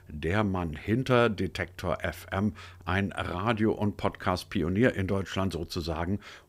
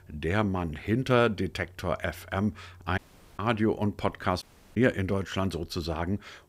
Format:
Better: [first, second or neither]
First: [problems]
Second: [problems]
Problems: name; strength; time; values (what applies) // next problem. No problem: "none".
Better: first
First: none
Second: audio cutting out; at 3 s and at 4.5 s